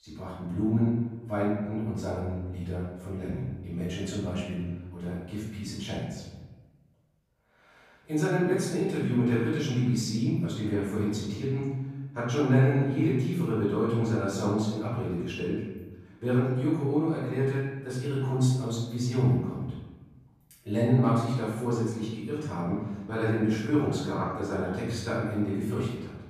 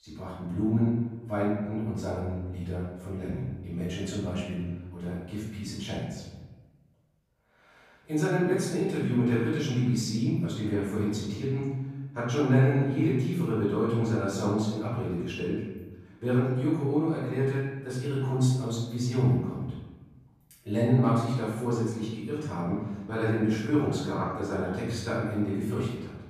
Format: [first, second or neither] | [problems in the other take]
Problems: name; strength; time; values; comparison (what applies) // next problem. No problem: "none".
neither | off-mic speech; far; the same in both // room echo; strong; dies away in 1.2 s; the same in both